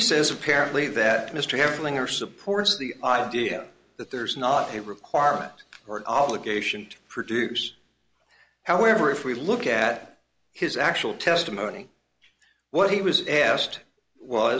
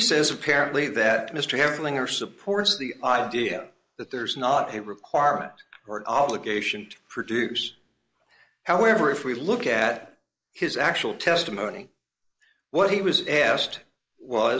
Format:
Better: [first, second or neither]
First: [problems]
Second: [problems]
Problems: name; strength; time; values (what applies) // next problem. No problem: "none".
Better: first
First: none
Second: noise reduction (neural mask model Resemble Enhance denoiser)